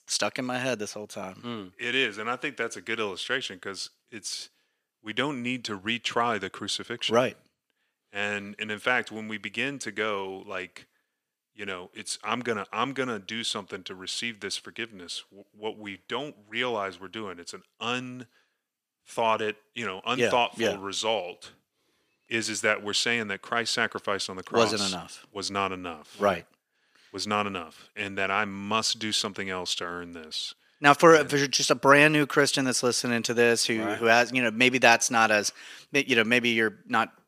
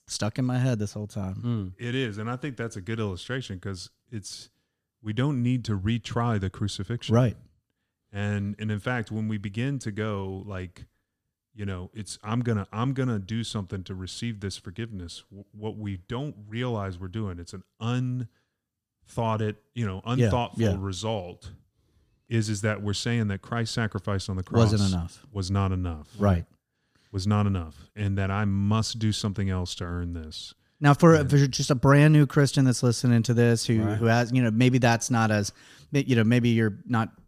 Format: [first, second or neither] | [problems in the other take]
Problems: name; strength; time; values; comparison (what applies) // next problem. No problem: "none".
second | thin; somewhat; fading below 400 Hz